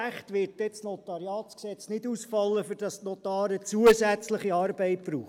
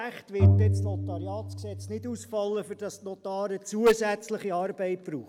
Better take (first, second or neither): first